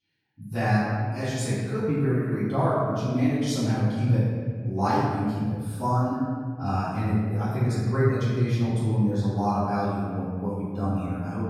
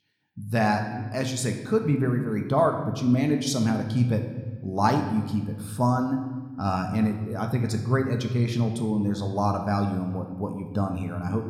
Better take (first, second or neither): second